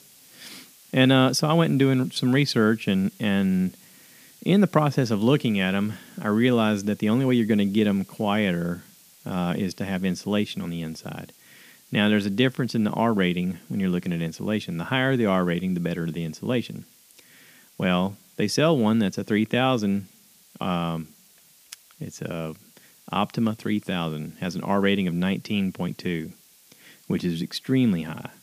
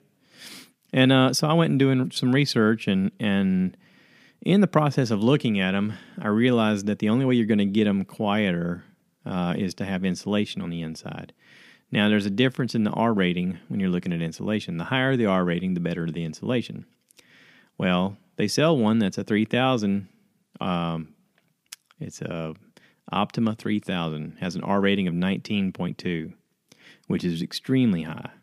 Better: second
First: hiss; faint; throughout; 25 dB below the speech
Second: none

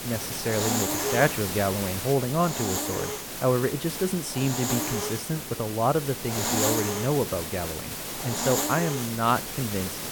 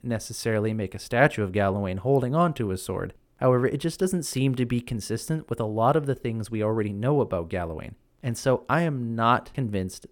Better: second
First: hiss; loud; throughout; 2 dB below the speech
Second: none

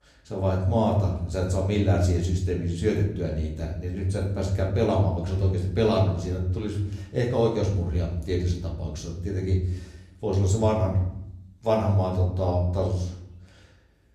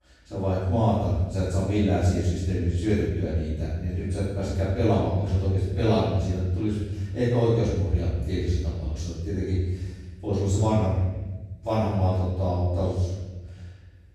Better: first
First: room echo; slight; dies away in 0.7 s // off-mic speech; far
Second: room echo; strong; dies away in 1.1 s // off-mic speech; far

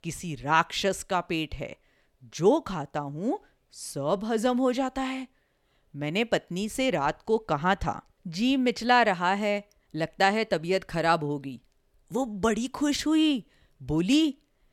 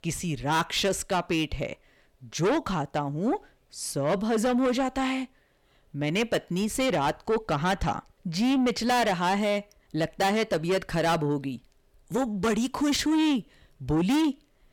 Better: first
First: none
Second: distortion; heavy; 7 dB below the speech

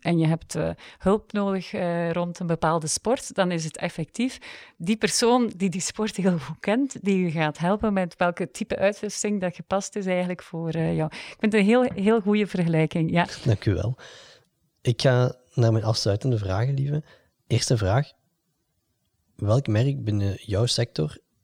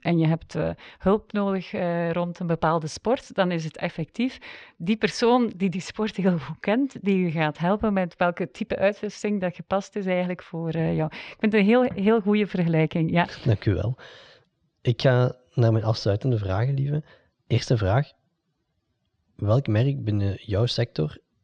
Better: first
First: none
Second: muffled; very slightly; fading above 4 kHz

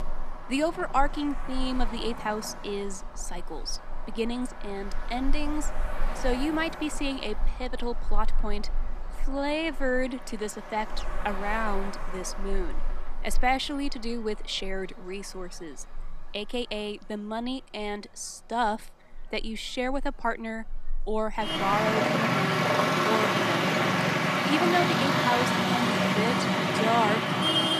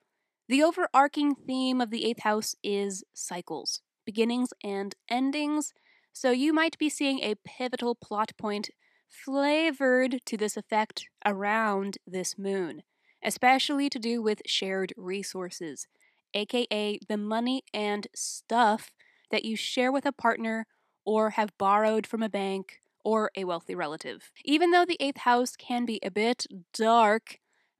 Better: second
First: traffic noise; very loud; throughout; 3 dB above the speech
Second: none

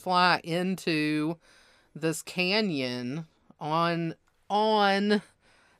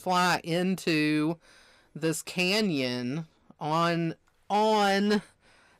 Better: first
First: none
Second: distortion; slight; 5% of the sound clipped

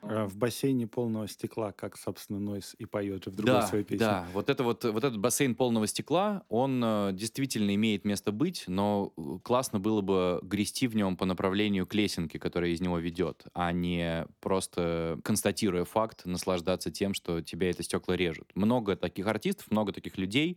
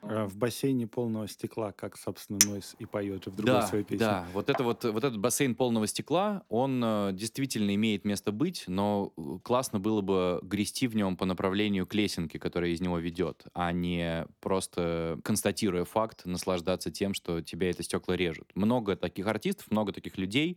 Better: first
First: none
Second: clattering dishes; loud; from 2.5 to 4.5 s; peak 5 dB above the speech

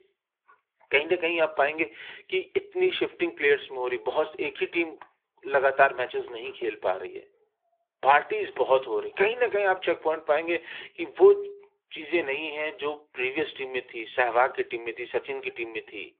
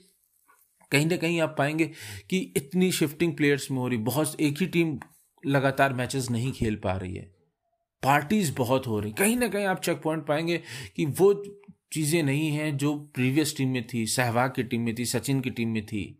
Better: second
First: phone-call audio; nothing above 3.5 kHz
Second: none

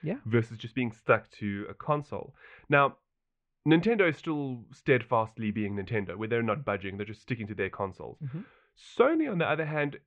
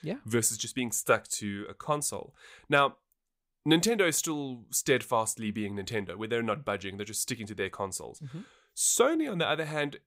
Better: second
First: muffled; very; fading above 2.5 kHz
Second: none

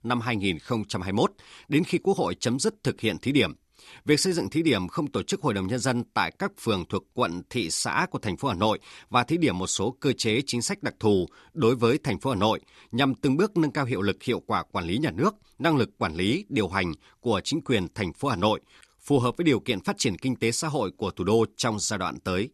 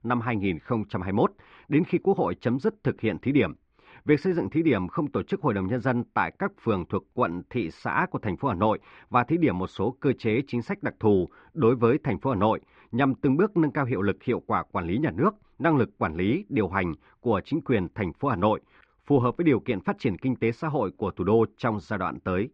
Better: first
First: none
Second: muffled; very; fading above 2 kHz

